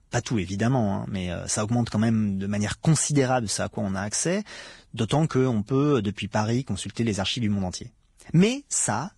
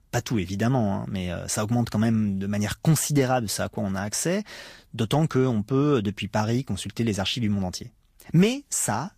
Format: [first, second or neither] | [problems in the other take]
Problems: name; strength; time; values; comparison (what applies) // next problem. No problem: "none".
second | garbled, watery; badly; slightly in the second